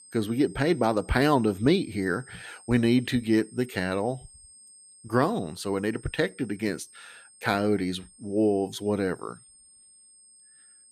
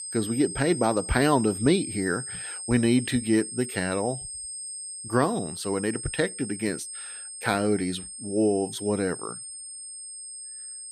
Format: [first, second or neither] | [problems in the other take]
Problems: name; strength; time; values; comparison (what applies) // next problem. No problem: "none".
first | high-pitched whine; loud; throughout; 8.5 kHz, 9 dB below the speech; faint in the first